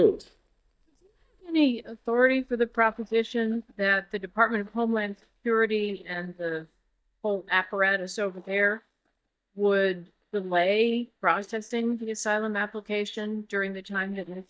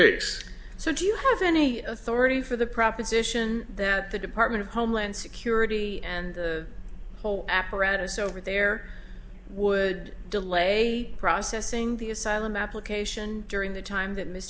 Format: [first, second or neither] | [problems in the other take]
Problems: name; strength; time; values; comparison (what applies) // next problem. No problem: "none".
second | noise reduction (neural mask model DeepFilterNet 3)